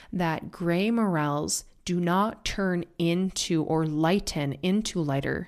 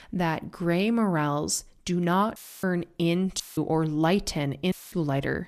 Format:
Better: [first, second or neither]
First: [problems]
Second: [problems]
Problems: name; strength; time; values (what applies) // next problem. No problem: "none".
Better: first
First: none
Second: audio cutting out; filled with static; at 2.5 s, at 3.5 s and at 4.5 s